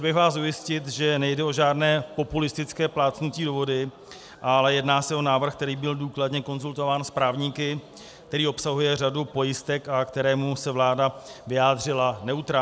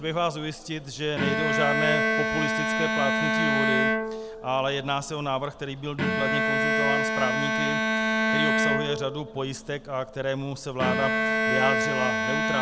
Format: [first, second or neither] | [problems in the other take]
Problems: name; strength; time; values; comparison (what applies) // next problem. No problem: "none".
first | background sound (Bowed string instrument); 4 dB above the speech